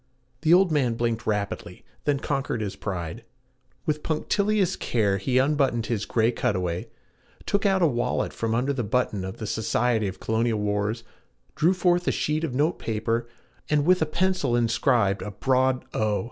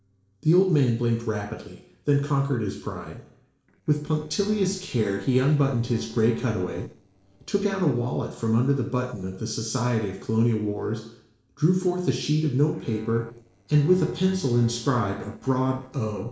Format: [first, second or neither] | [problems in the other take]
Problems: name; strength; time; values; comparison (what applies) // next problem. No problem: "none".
first | noise reduction (neural separator model SepFormer DNS4)